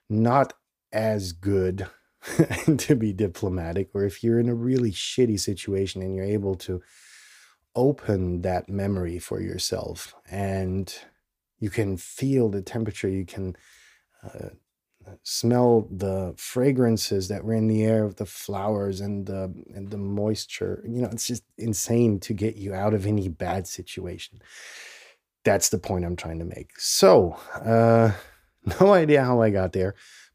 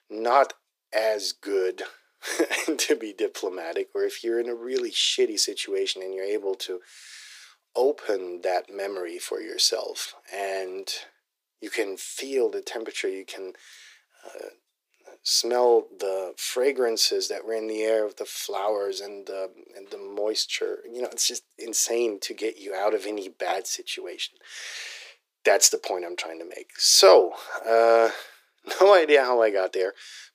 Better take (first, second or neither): first